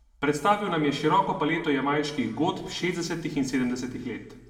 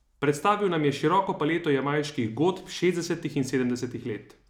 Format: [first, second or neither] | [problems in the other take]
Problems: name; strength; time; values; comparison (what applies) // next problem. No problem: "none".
second | room echo; dies away in 1.1 s